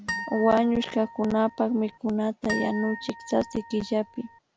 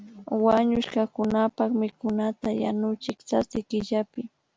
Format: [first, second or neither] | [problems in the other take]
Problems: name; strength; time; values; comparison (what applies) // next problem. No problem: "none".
second | background sound (Harp); 12 dB below the speech